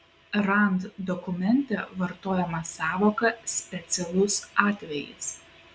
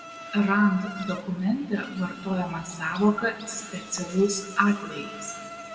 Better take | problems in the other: first | background sound (Insect); 15 dB below the speech // room echo; dies away in 1.6 s

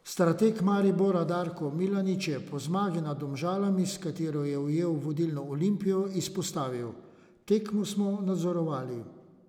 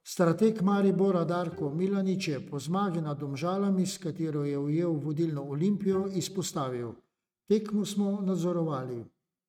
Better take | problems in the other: first | noise reduction (neural mask model RNNoise)

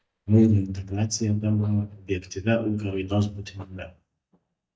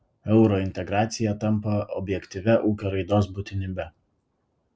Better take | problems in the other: second | noise reduction (neural mask model DeepFilterNet 3)

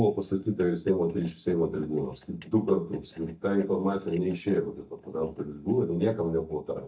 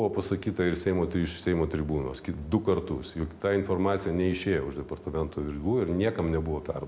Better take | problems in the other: second | noise reduction (neural mask model DeepFilterNet 3)

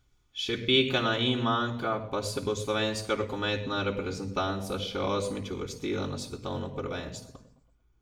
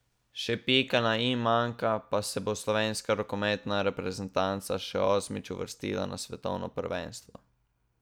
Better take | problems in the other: second | room echo; dies away in 0.7 s

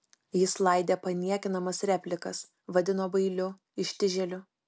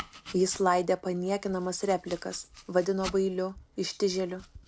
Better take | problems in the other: first | background sound (Domestic sounds, home sounds); 18 dB below the speech

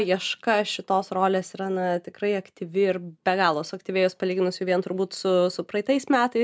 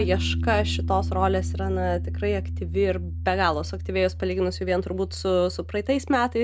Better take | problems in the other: first | background sound (Piano); 4 dB below the speech

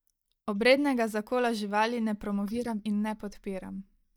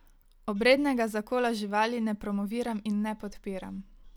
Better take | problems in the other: second | noise reduction (neural mask model DeepFilterNet 3)

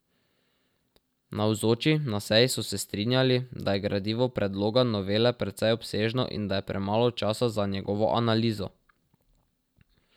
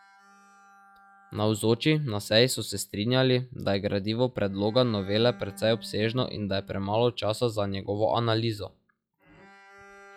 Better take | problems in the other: first | noise reduction (classical method log-MMSE)

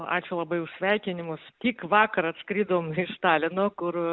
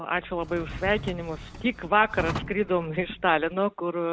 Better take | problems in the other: first | background sound (Drawer open or close); 11 dB below the speech

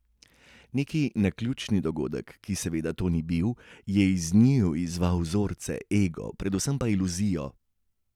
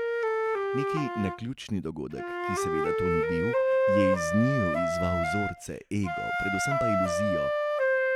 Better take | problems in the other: first | background sound (Wind instrument, woodwind instrument); 4 dB above the speech

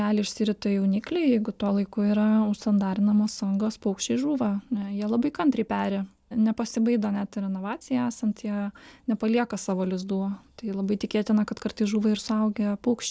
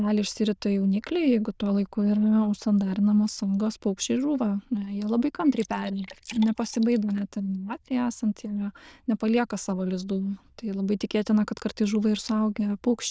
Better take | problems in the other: first | noise reduction (neural diffusion model UNIVERSE++)

